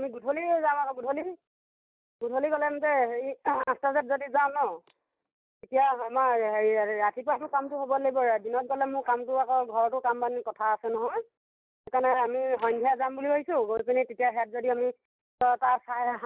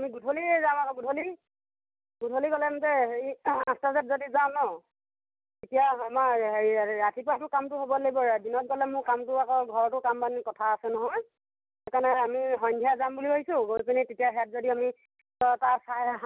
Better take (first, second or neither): second